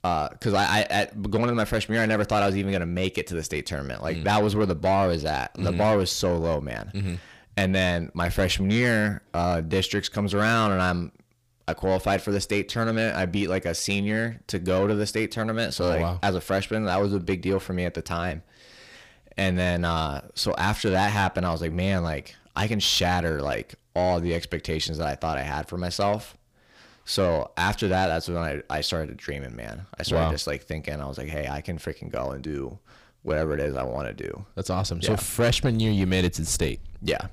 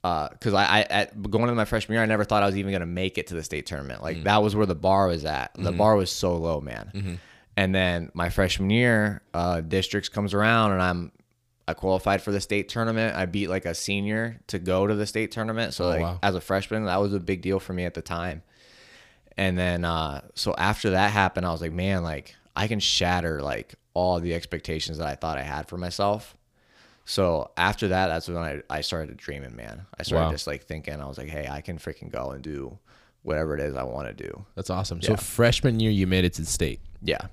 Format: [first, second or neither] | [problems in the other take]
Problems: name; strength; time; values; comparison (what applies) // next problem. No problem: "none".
second | distortion; slight; 10 dB below the speech